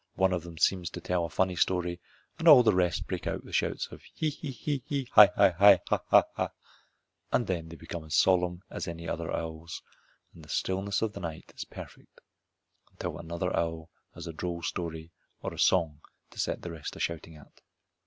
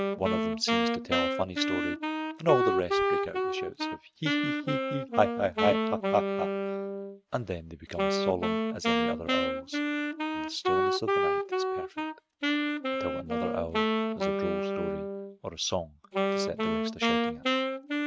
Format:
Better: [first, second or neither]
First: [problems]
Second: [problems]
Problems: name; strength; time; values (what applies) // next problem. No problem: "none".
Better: first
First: none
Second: noise reduction (neural mask model RNNoise)